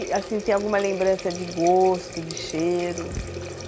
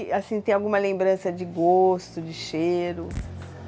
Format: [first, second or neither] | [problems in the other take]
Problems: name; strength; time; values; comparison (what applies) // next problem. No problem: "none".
second | background sound (Water tap, faucet); 12 dB below the speech